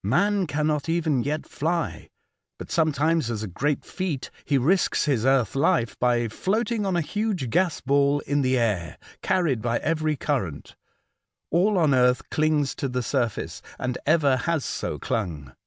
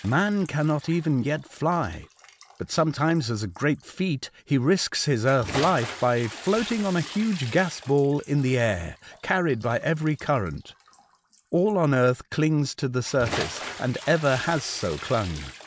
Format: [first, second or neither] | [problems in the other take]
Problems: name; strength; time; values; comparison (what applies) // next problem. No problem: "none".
first | background sound (Bathtub (filling or washing) / Splash, splatter); 15 dB below the speech